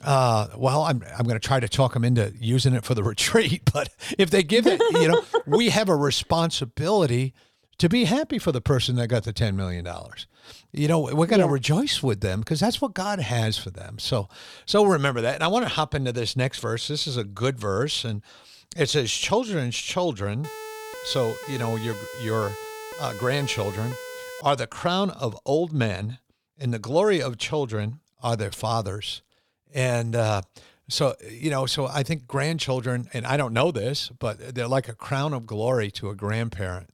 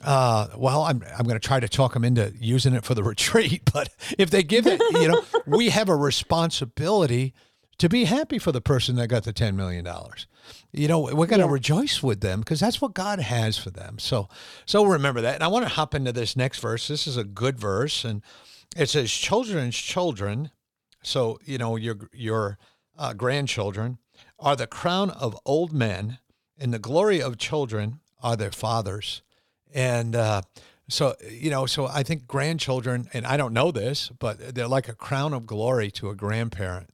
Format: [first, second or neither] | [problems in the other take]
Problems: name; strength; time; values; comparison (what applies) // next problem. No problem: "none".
second | siren; faint; from 20 to 24 s; peak 10 dB below the speech